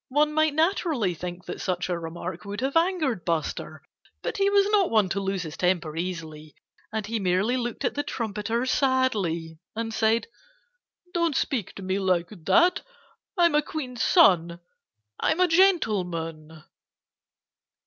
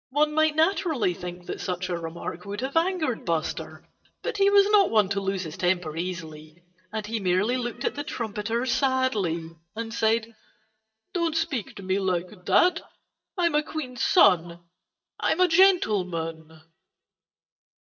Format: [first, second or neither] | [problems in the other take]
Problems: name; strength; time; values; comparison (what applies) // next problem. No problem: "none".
first | noise reduction (neural mask model DeepFilterNet 3)